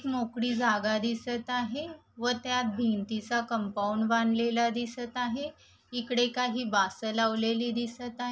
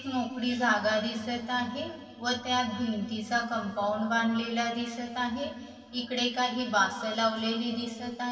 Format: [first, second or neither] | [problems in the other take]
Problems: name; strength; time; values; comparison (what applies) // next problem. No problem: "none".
first | room echo; dies away in 2.4 s